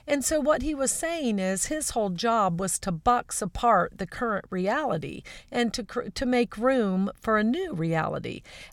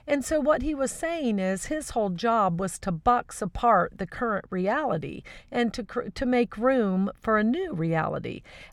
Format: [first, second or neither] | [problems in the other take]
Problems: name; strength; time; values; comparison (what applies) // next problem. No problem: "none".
first | muffled; slightly; fading above 3.5 kHz